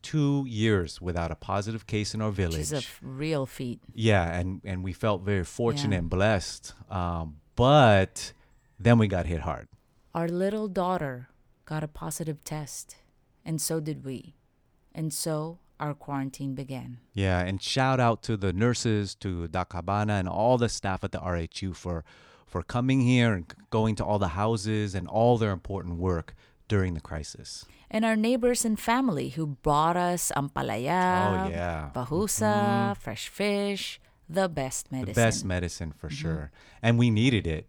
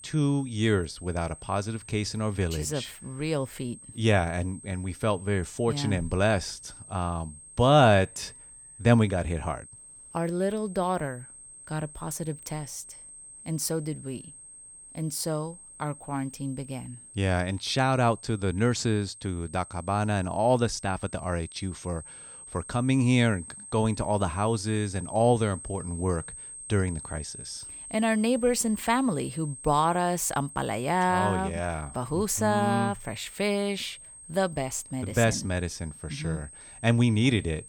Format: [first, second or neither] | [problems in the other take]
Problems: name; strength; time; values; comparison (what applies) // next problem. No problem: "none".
first | high-pitched whine; noticeable; throughout; 8.5 kHz, 15 dB below the speech